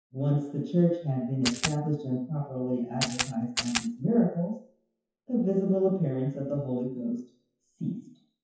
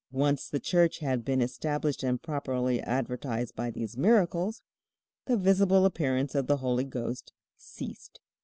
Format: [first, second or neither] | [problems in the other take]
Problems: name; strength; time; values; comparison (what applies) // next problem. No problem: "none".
second | noise reduction (classical method WPE with log-MMSE)